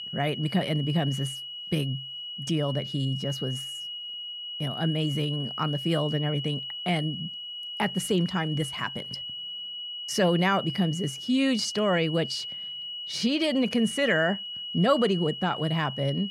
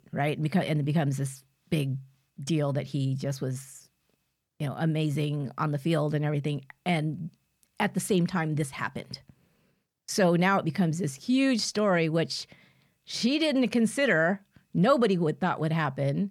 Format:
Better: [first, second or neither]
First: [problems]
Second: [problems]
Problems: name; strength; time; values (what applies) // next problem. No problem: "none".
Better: second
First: high-pitched whine; loud; throughout; 3 kHz, 7 dB below the speech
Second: none